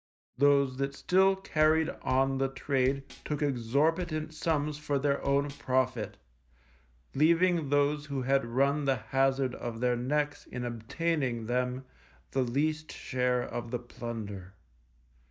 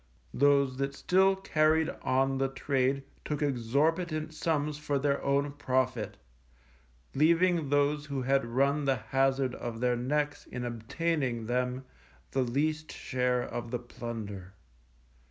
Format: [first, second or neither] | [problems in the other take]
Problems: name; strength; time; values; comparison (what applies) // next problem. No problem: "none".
second | noise reduction (neural mask model DeepFilterNet 3)